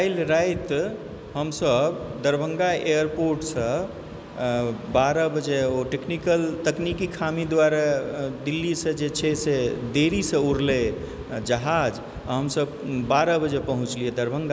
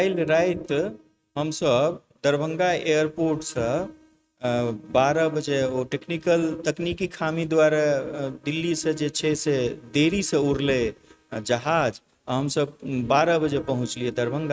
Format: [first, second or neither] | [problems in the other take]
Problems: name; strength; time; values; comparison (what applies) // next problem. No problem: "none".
first | noise reduction (neural mask model RNNoise)